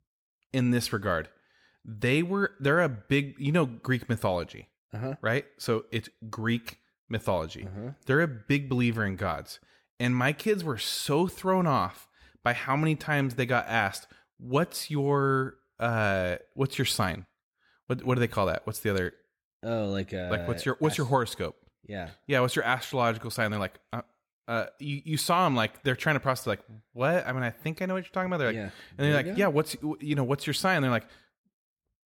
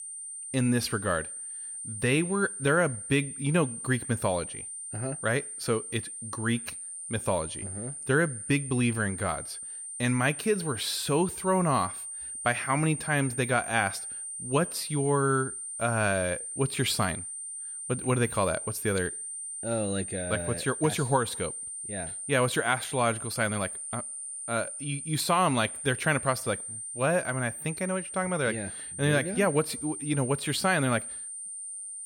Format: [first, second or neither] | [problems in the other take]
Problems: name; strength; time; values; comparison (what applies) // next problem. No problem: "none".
first | high-pitched whine; loud; throughout; 9 kHz, 7 dB below the speech